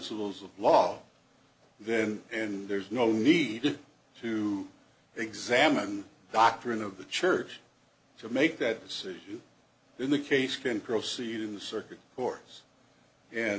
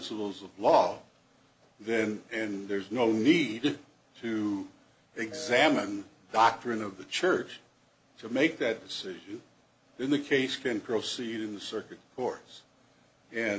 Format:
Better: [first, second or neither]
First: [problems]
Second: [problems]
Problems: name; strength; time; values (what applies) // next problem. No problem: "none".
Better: first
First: none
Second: background sound (Telephone); 13 dB below the speech